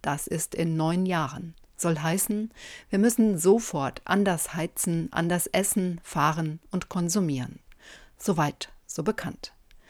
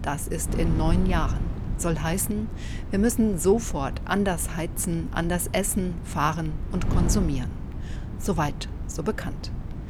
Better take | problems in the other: first | wind noise on the microphone; occasional gusts; 15 dB below the speech

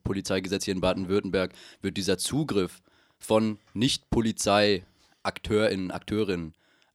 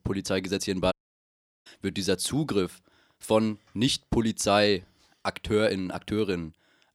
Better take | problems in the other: first | audio cutting out; at 1 s for 0.5 s

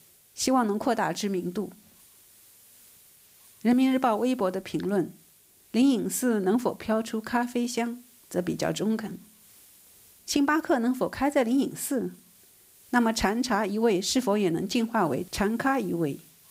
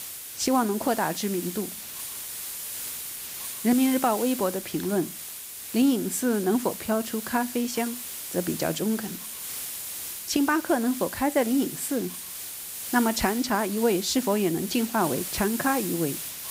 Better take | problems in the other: first | hiss; loud; throughout; 7 dB below the speech; faint in the first

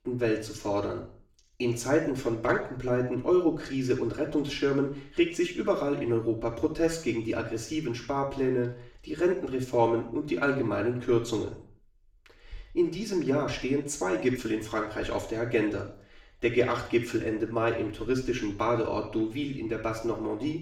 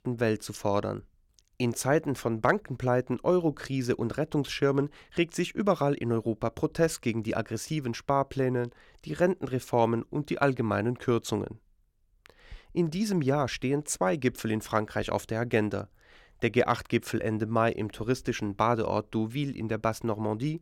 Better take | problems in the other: second | room echo; noticeable; dies away in 0.5 s // off-mic speech; far

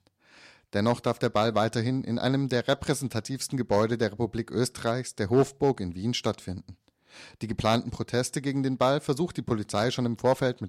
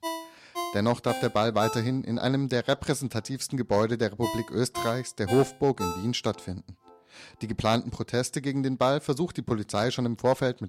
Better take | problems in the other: first | phone ringing; noticeable; until 6.5 s; peak 7 dB below the speech

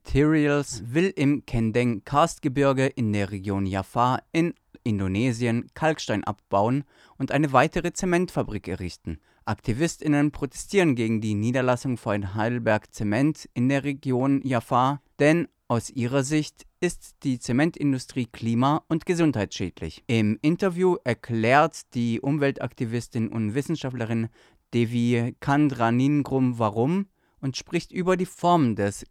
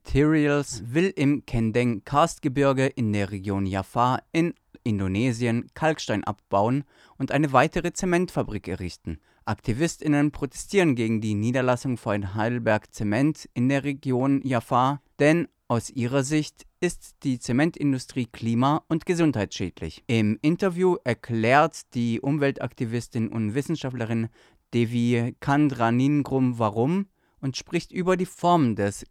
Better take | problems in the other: neither | none

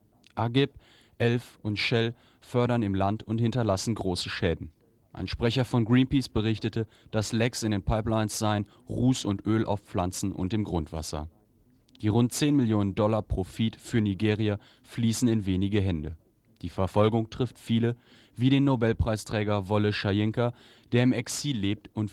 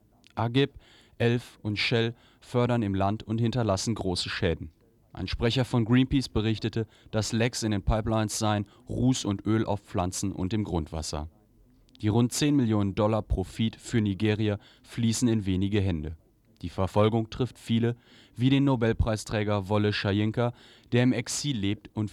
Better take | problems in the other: second | garbled, watery; slightly

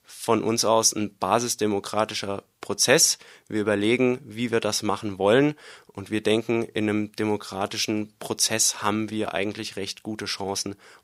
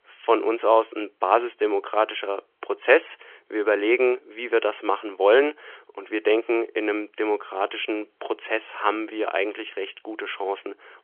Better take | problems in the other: first | phone-call audio; nothing above 3.5 kHz

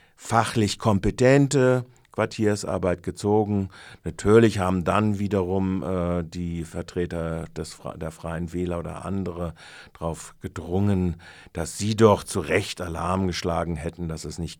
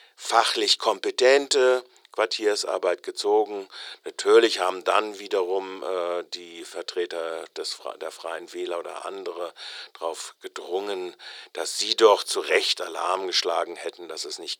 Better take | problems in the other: first | thin; very; fading below 350 Hz

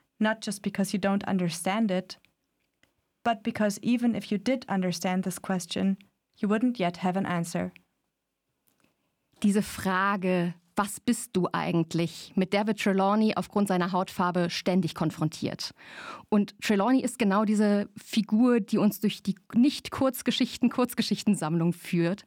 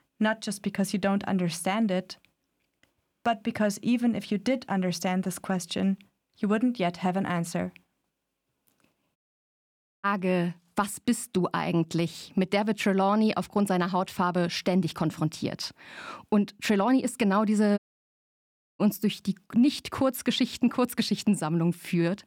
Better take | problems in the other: first | audio cutting out; at 9 s for 1 s and at 18 s for 1 s

